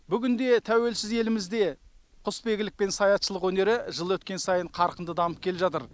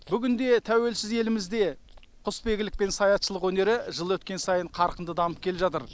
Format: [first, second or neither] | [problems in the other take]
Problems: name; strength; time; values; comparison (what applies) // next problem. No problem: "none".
first | background sound (Chewing, mastication); 19 dB below the speech